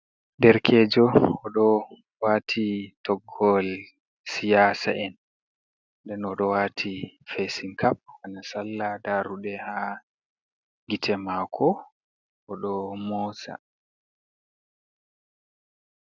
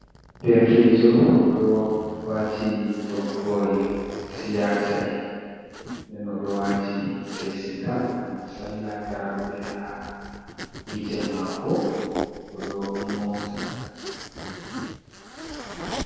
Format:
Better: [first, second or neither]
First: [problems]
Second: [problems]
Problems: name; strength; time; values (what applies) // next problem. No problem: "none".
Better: first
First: none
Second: background sound (Zipper (clothing)); 13 dB below the speech // room echo; dies away in 2 s